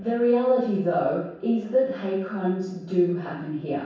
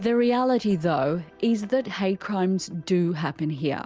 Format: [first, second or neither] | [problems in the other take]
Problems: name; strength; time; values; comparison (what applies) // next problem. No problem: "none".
second | room echo; dies away in 0.7 s